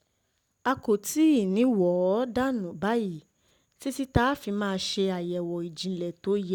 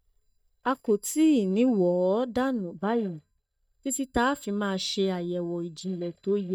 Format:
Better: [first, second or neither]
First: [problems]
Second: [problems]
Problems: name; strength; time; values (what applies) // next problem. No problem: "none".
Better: first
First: none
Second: noise reduction (neural mask model DeepFilterNet 3)